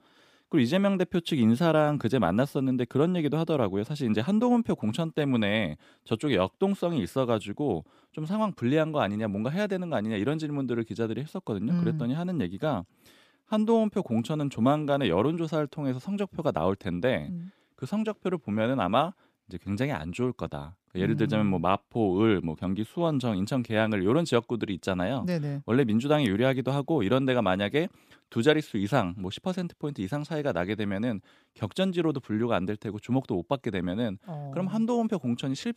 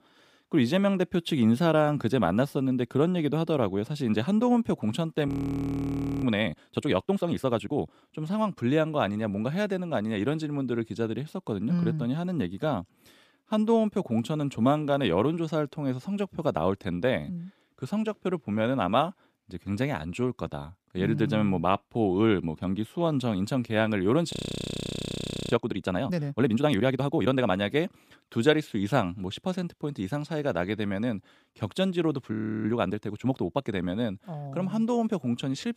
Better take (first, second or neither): first